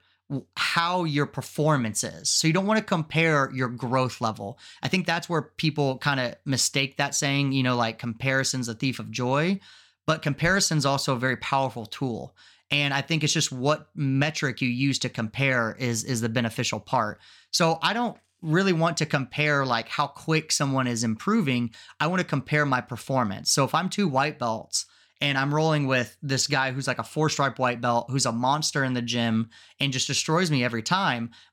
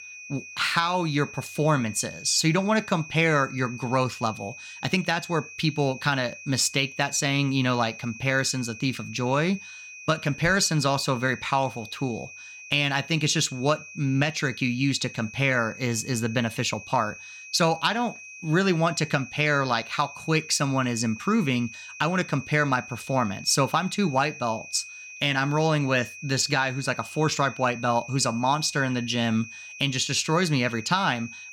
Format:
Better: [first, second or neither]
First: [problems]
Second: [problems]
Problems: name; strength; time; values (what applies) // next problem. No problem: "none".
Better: first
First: none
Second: high-pitched whine; noticeable; throughout; 2.5 kHz, 15 dB below the speech